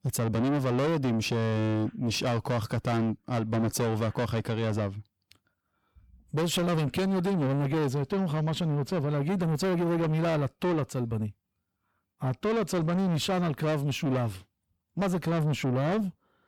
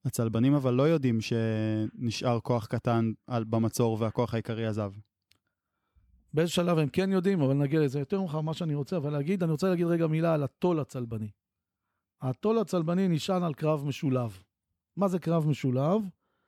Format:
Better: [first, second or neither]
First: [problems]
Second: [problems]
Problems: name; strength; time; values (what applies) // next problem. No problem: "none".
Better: second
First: distortion; heavy; 7 dB below the speech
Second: none